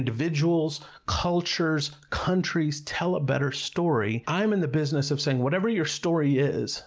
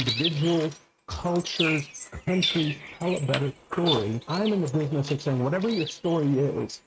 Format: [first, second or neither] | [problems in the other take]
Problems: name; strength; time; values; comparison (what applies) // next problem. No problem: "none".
first | noise reduction (neural mask model RNNoise)